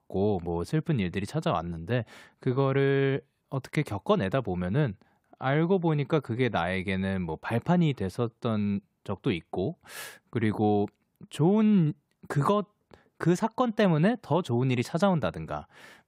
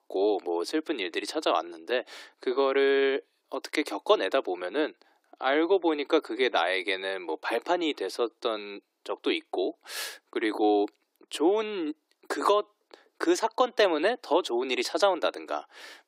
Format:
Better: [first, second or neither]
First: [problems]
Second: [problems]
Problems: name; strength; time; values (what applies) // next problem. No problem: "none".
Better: first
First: none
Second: thin; very; fading below 300 Hz